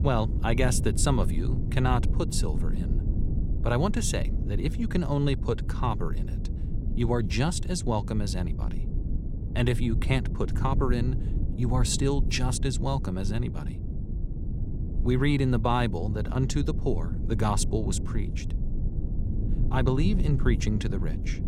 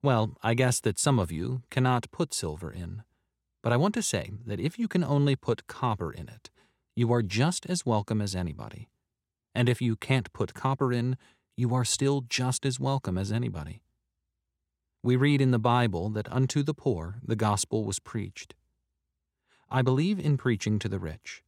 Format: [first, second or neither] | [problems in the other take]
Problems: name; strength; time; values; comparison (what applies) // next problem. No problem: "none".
second | low rumble; noticeable; throughout; 10 dB below the speech